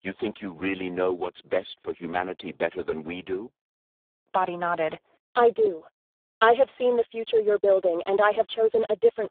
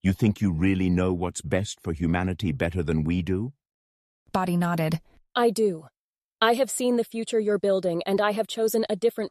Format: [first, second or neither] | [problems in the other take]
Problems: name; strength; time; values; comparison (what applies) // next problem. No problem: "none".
second | phone-call audio; poor line